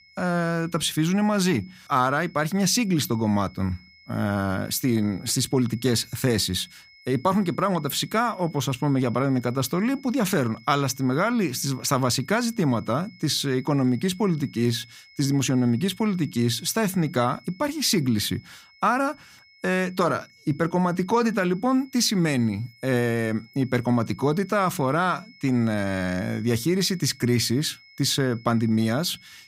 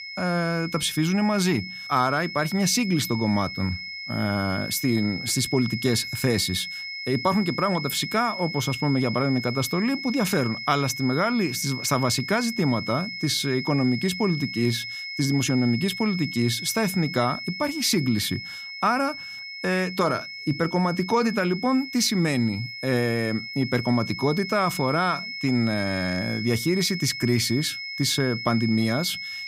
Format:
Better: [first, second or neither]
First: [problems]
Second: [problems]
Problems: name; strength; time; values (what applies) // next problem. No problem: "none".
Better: first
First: high-pitched whine; faint; throughout; 2 kHz, 25 dB below the speech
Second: high-pitched whine; loud; throughout; 2 kHz, 8 dB below the speech